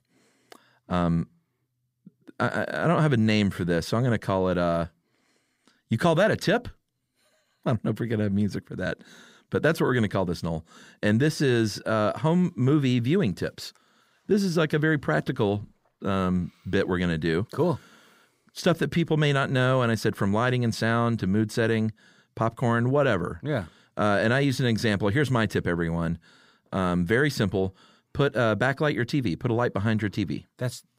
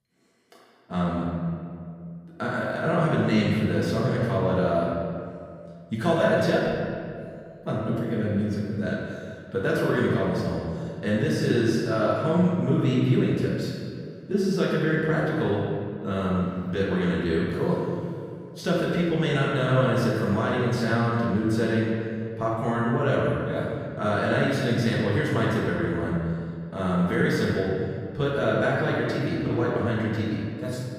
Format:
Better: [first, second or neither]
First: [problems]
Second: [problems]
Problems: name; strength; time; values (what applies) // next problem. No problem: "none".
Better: first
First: none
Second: off-mic speech; far // room echo; strong; dies away in 2 s